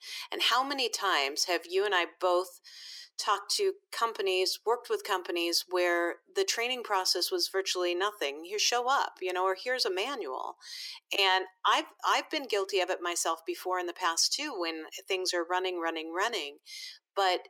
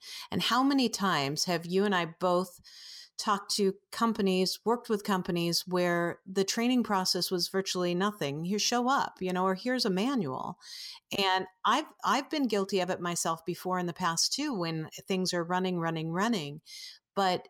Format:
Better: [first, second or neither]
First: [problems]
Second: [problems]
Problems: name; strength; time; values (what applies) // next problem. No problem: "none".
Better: second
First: thin; very; fading below 350 Hz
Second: none